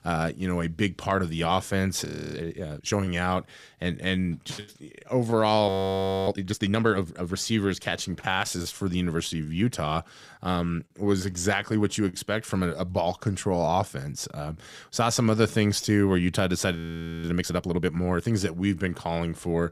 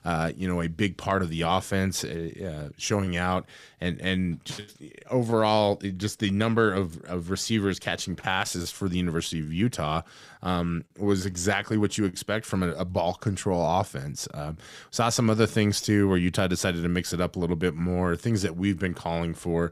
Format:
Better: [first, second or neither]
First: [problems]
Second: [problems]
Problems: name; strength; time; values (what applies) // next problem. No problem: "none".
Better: second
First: audio freezing; at 2 s, at 5.5 s for 0.5 s and at 17 s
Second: none